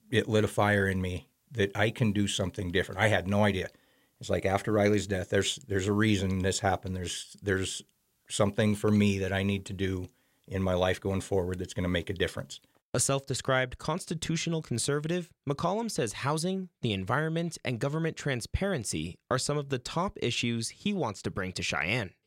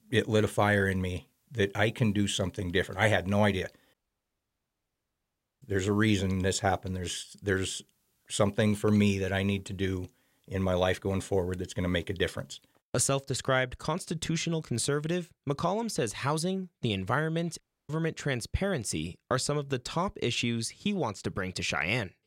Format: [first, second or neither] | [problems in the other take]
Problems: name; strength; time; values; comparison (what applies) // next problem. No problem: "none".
first | audio cutting out; at 4 s for 1.5 s and at 18 s